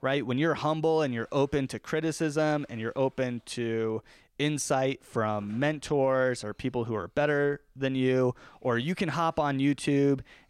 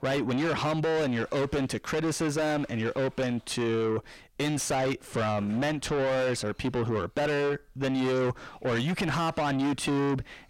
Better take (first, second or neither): first